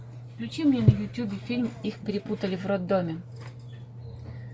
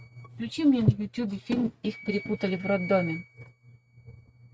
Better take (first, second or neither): first